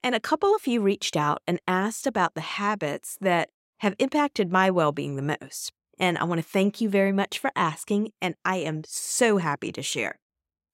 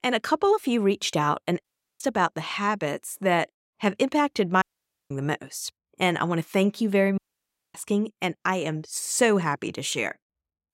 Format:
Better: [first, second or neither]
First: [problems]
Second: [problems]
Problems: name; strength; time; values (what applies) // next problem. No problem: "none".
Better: first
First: none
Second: audio cutting out; at 1.5 s, at 4.5 s and at 7 s for 0.5 s